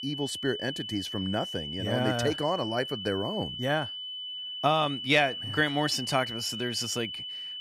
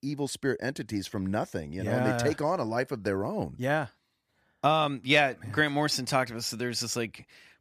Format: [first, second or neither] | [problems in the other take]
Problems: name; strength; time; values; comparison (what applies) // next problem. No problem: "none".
second | high-pitched whine; loud; throughout; 3 kHz, 6 dB below the speech